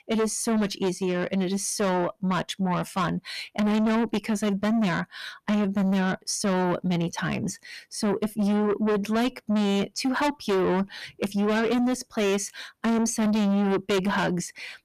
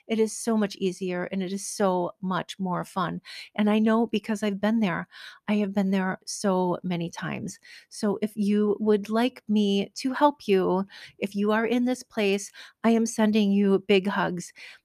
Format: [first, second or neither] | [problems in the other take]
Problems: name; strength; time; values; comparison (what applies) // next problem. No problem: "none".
second | distortion; heavy; 7 dB below the speech